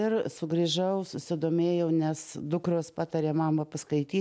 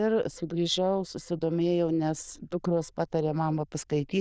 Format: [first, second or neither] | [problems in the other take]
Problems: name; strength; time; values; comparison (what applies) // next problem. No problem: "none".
first | noise reduction (neural diffusion model UNIVERSE++)